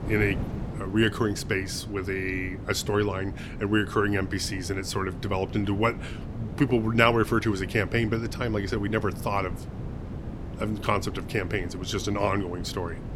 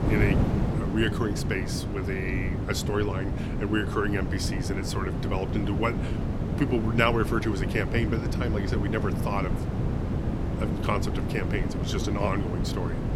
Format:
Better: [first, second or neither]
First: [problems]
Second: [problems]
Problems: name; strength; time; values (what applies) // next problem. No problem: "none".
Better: first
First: wind noise on the microphone; occasional gusts; 15 dB below the speech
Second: wind noise on the microphone; heavy; 5 dB below the speech